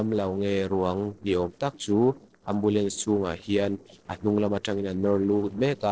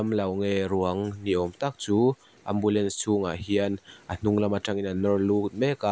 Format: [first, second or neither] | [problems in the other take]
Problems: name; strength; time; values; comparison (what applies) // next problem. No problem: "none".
second | noise reduction (neural separator model SepFormer DNS4)